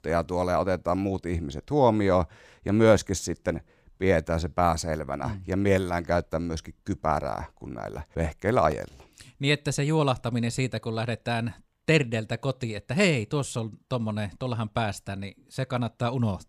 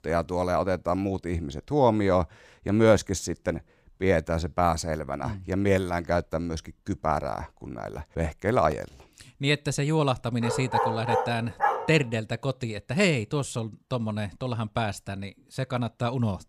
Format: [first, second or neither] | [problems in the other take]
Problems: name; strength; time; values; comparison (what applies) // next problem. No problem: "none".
first | dog barking; loud; from 10 to 12 s; peak 1 dB above the speech